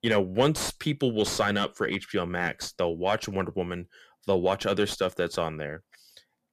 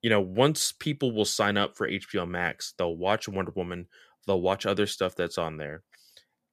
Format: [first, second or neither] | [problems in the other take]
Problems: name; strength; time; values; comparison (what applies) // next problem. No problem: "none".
second | distortion; slight; 10 dB below the speech